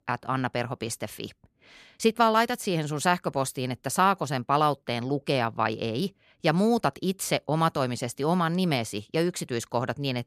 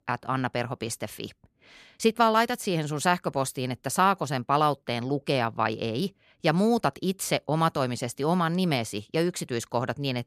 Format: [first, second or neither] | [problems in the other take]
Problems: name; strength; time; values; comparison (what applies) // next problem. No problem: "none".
neither | none